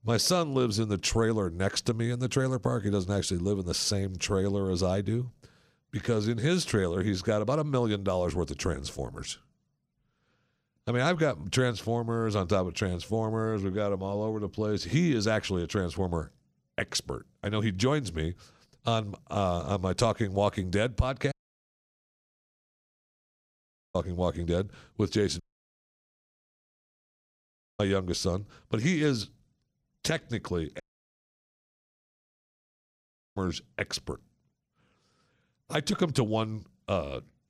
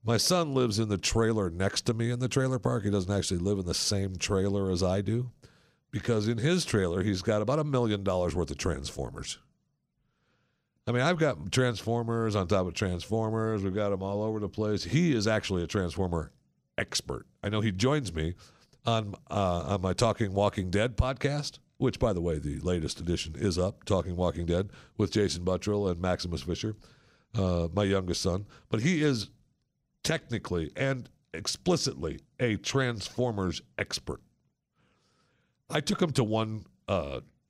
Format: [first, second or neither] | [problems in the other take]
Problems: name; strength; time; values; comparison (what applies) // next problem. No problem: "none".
second | audio cutting out; at 21 s for 2.5 s, at 25 s for 2.5 s and at 31 s for 2.5 s